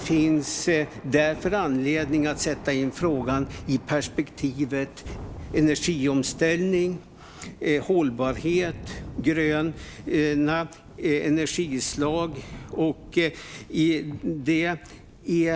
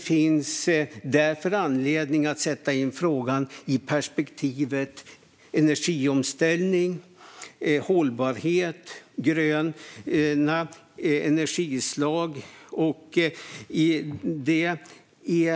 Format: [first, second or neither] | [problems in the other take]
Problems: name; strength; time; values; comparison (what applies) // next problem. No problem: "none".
second | background sound (Thunder); 16 dB below the speech